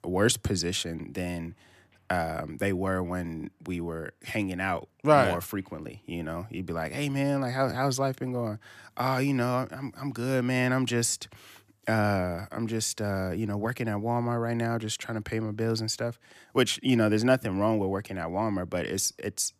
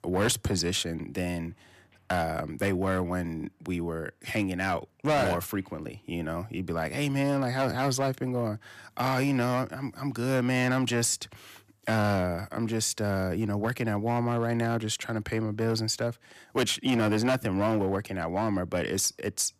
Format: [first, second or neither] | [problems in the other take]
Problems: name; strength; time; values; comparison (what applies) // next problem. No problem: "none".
first | distortion; slight; 6% of the sound clipped